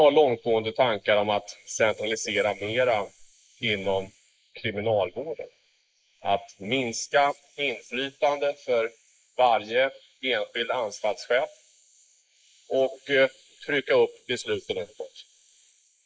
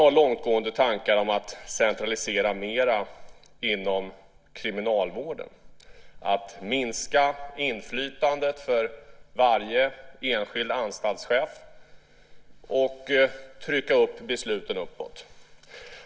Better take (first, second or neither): second